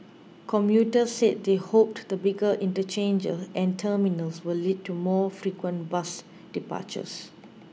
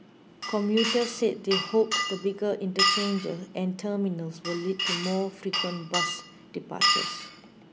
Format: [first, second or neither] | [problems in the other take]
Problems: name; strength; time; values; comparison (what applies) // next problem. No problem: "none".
first | background sound (Glass); 1 dB below the speech